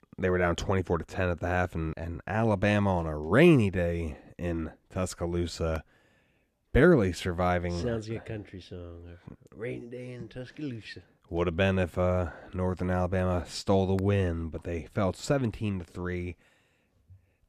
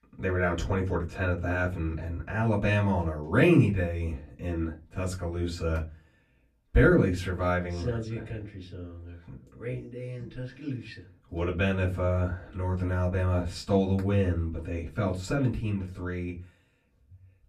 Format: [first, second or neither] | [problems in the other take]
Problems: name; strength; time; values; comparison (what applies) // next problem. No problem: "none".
first | off-mic speech; far // room echo; very slight; dies away in 0.2 s